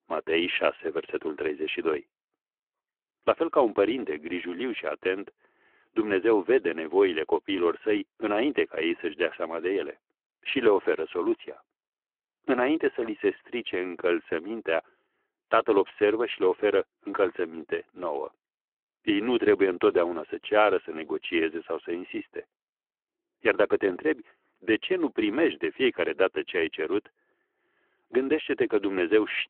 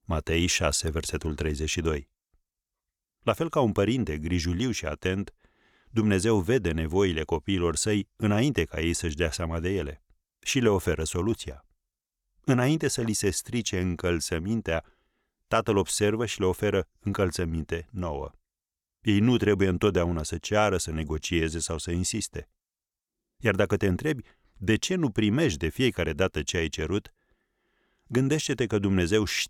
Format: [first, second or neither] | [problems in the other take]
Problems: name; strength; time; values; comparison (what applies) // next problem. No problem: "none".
second | phone-call audio